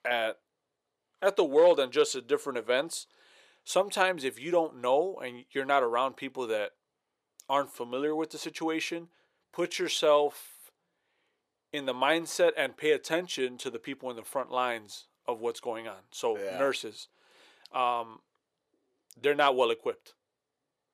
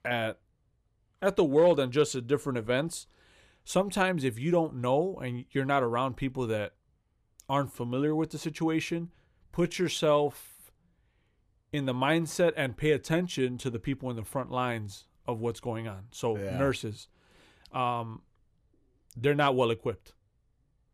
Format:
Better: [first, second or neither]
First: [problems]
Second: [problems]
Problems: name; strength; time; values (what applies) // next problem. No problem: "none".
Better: second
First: thin; somewhat; fading below 500 Hz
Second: none